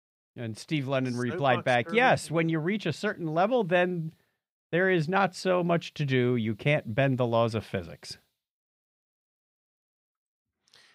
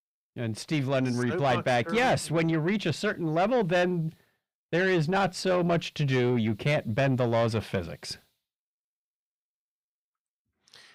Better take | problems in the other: first | distortion; slight; 10 dB below the speech

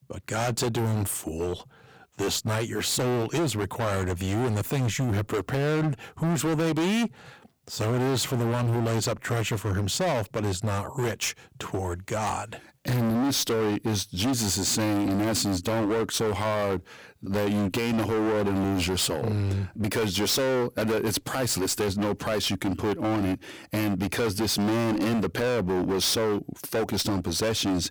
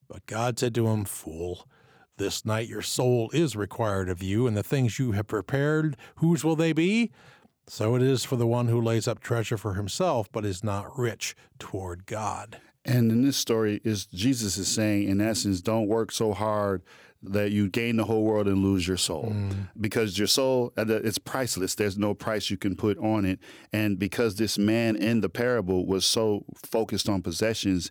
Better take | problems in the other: second | distortion; heavy; 29% of the sound clipped

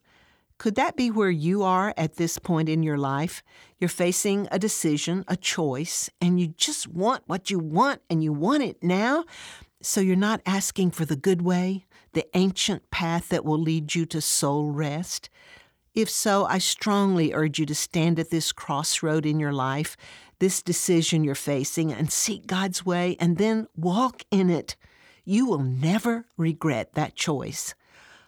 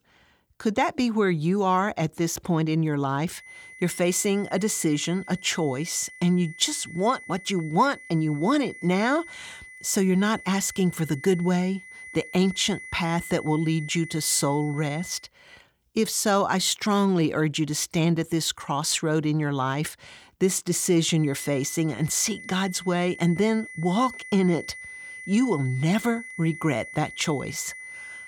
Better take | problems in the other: first | high-pitched whine; noticeable; from 3.5 to 15 s and from 21 s on; 2 kHz, 15 dB below the speech

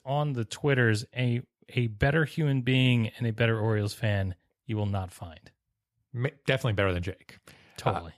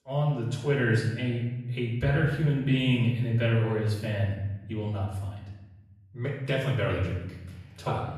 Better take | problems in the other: first | off-mic speech; far // room echo; noticeable; dies away in 1 s

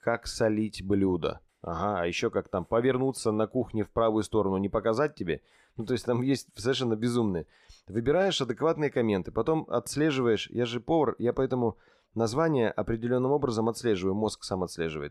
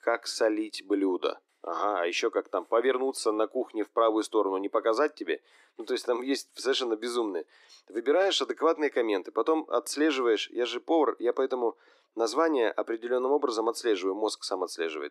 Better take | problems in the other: first | thin; somewhat; fading below 300 Hz

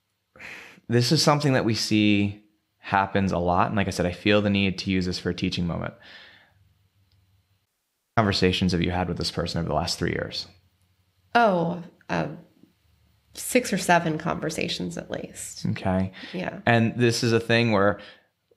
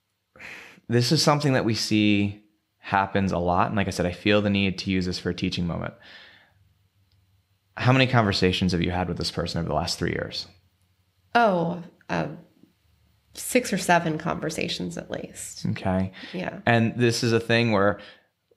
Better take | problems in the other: second | audio cutting out; at 7.5 s for 0.5 s

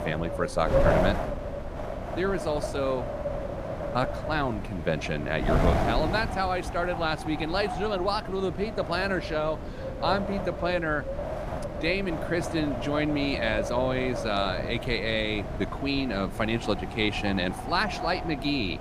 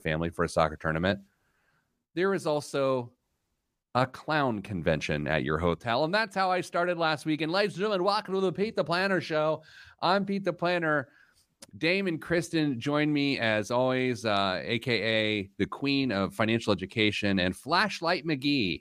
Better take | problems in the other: second | wind noise on the microphone; heavy; 4 dB below the speech

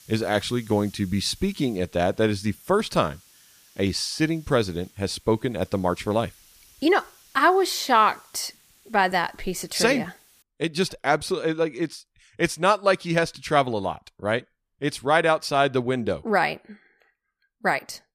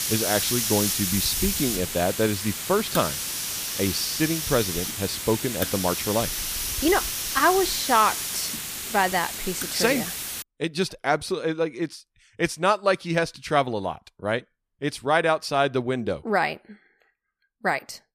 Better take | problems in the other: first | hiss; loud; until 10 s; 2 dB below the speech; faint in the first

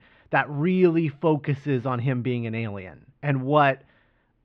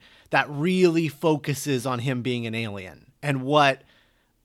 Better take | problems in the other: second | muffled; very; fading above 2.5 kHz

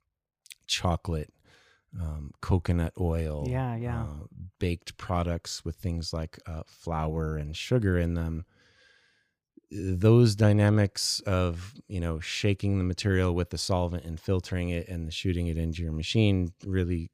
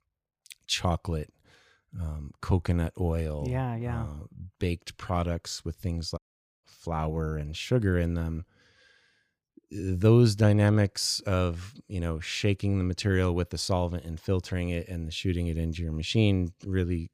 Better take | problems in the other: first | audio cutting out; at 6 s

